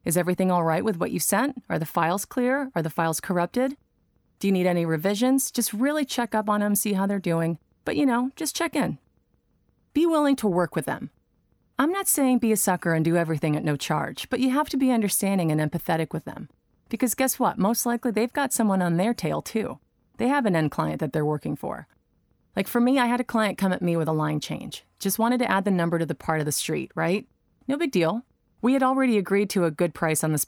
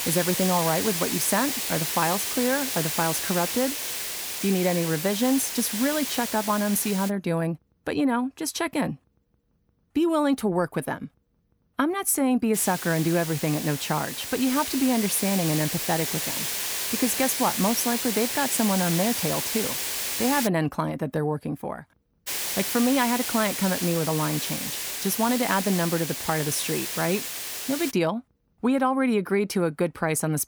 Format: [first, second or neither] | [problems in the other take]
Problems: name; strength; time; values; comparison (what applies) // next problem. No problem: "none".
first | hiss; loud; until 7 s, from 13 to 20 s and from 22 to 28 s; 2 dB below the speech